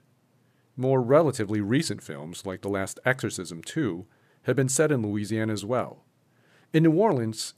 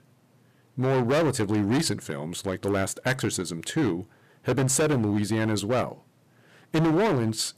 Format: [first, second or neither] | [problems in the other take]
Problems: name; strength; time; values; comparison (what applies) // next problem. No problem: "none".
first | distortion; heavy; 14% of the sound clipped